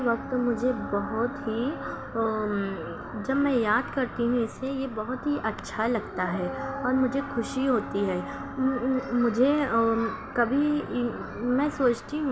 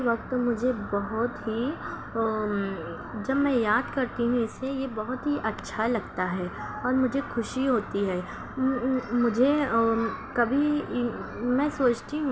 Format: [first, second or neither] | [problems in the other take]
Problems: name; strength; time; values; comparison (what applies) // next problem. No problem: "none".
second | background sound (Dog); 14 dB below the speech